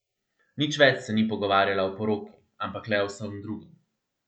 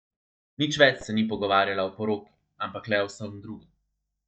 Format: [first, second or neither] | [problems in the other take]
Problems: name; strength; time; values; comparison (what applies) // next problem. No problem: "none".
first | noise reduction (neural mask model DeepFilterNet 3)